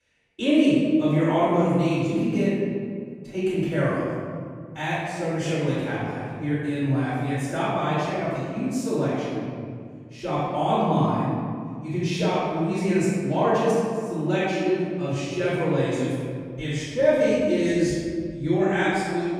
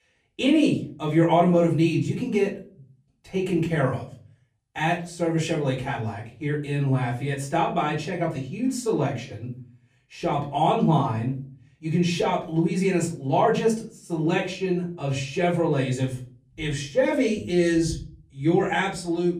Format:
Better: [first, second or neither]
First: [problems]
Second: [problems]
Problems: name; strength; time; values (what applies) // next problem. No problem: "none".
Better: second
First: room echo; strong; dies away in 2.1 s // off-mic speech; far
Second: room echo; slight; dies away in 0.4 s // off-mic speech; far